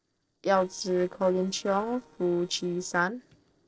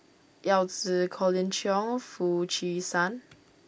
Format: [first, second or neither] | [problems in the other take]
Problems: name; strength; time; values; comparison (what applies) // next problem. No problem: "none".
second | noise reduction (neural separator model SepFormer DNS4)